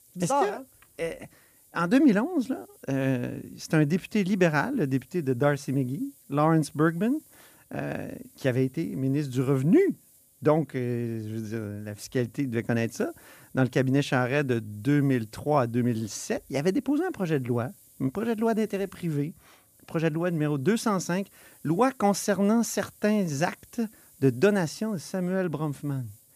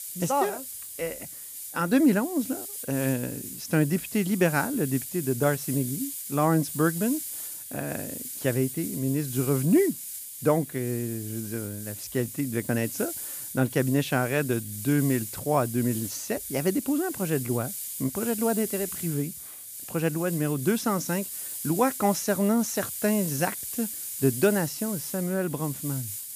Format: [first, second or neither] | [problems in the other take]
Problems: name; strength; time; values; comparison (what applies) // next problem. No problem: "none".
first | hiss; loud; throughout; 7 dB below the speech; faint in the first